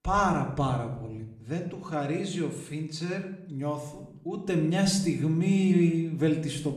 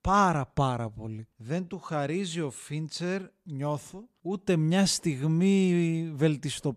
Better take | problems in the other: second | room echo; slight; dies away in 0.6 s // off-mic speech; somewhat distant

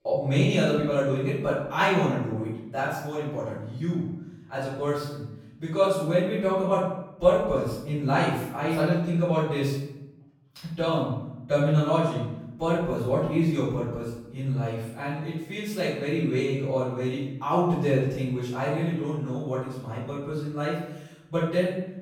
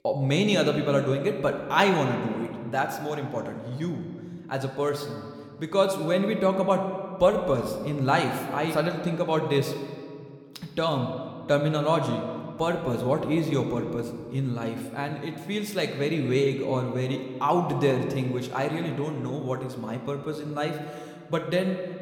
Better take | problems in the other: second | room echo; strong; dies away in 0.8 s; slight in the second // off-mic speech; far

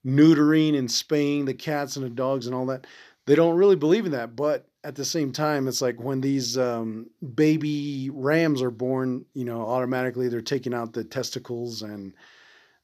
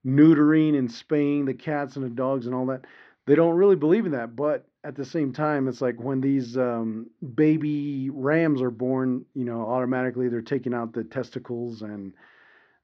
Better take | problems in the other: first | muffled; very; fading above 2 kHz

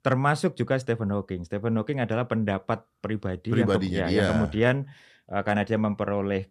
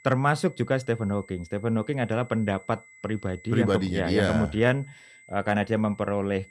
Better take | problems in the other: first | high-pitched whine; faint; throughout; 2 kHz, 25 dB below the speech

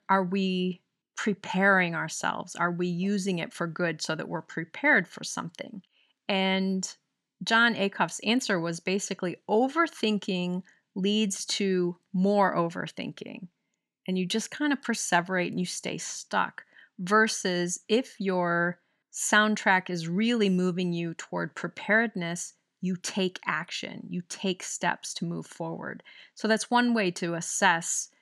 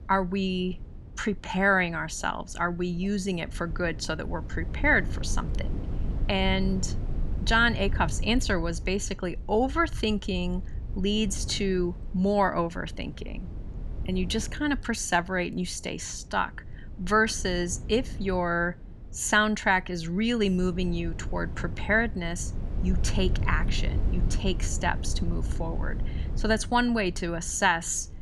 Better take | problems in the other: first | low rumble; faint; throughout; 20 dB below the speech

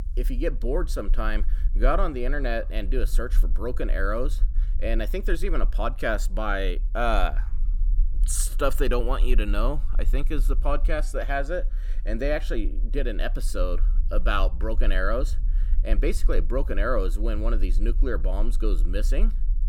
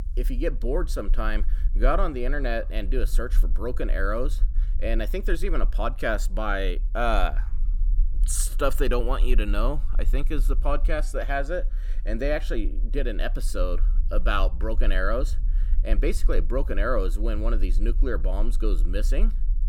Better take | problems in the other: neither | low rumble; faint; throughout; 25 dB below the speech; the same in both

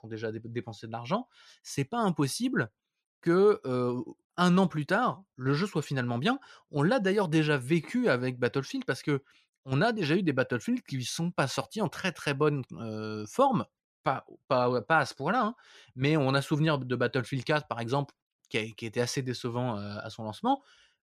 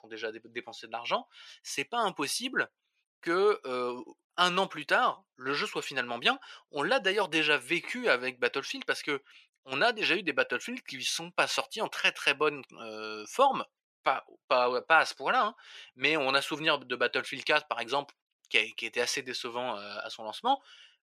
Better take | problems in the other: first | thin; somewhat; fading below 500 Hz

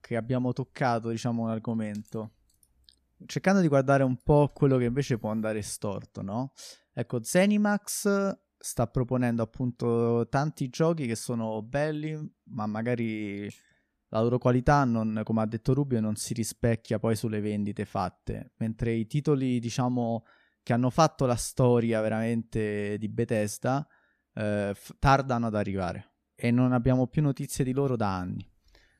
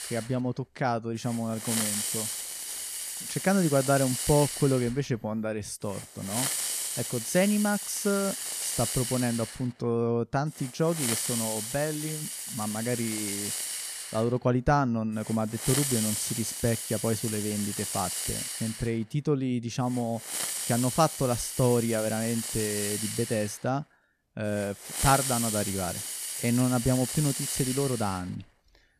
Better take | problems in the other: first | hiss; loud; throughout; 2 dB below the speech

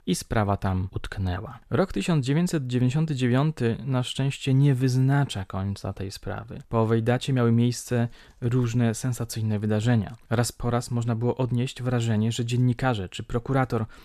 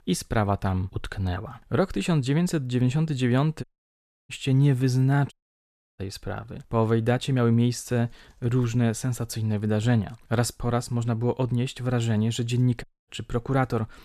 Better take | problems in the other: first | audio cutting out; at 3.5 s for 0.5 s, at 5.5 s for 0.5 s and at 13 s

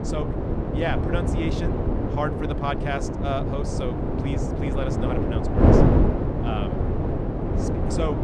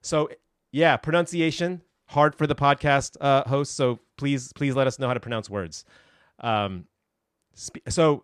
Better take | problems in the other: second | wind noise on the microphone; heavy; 2 dB above the speech

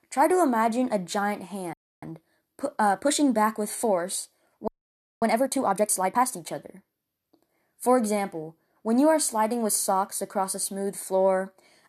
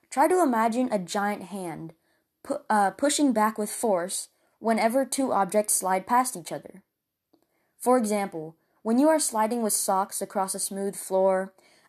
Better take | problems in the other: second | audio freezing; at 1.5 s and at 4.5 s for 0.5 s

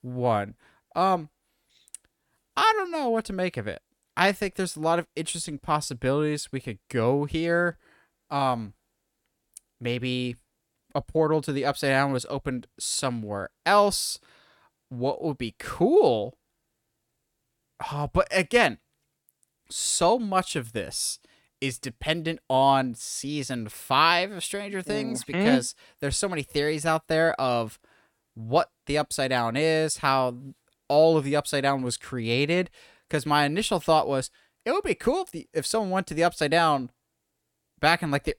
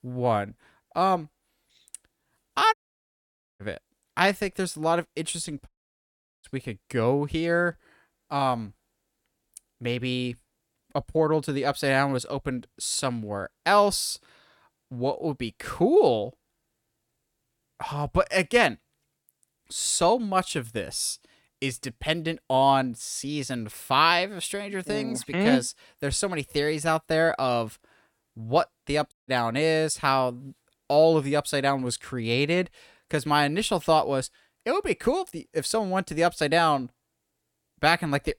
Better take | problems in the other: first | audio cutting out; at 2.5 s for 1 s, at 5.5 s for 1 s and at 29 s

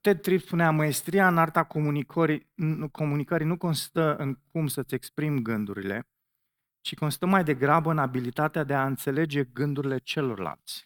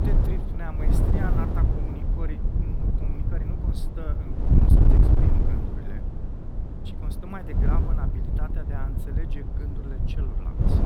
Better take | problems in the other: first | wind noise on the microphone; heavy; 4 dB above the speech

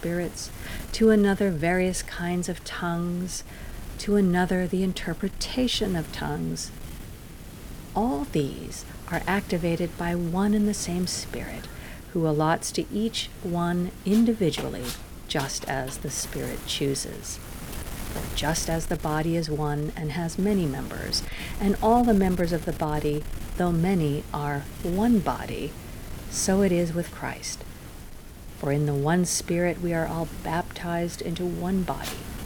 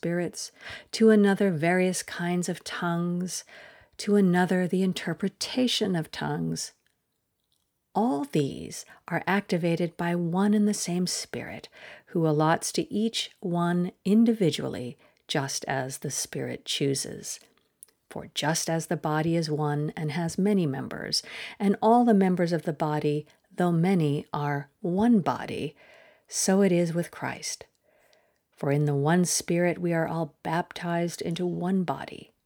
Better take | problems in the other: second | wind noise on the microphone; occasional gusts; 15 dB below the speech

